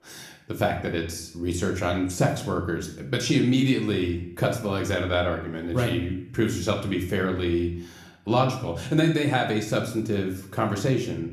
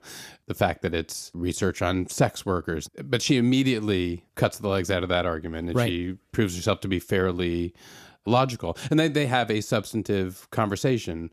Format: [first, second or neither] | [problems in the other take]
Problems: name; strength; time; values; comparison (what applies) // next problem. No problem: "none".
second | room echo; slight; dies away in 0.6 s // off-mic speech; somewhat distant